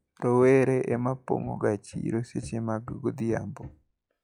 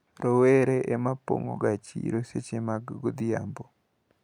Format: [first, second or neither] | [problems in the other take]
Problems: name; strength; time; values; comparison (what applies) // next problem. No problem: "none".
second | noise reduction (classical method log-MMSE)